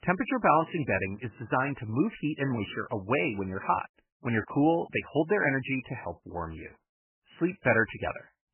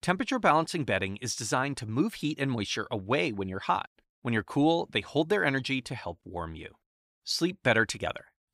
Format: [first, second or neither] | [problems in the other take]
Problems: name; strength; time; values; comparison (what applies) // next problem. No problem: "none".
second | garbled, watery; badly; nothing above 3 kHz